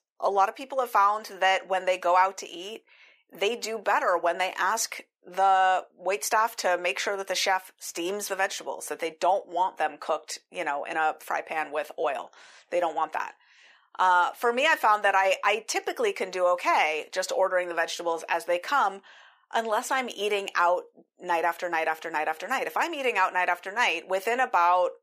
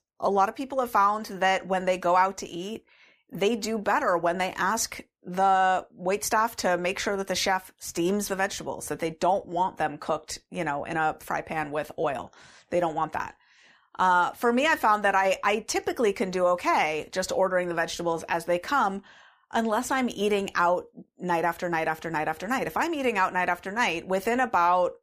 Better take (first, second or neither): second